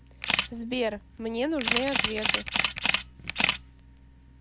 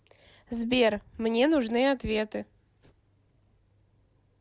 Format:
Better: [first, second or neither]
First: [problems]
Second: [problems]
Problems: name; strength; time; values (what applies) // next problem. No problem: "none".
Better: second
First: background sound (Camera); 3 dB above the speech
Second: none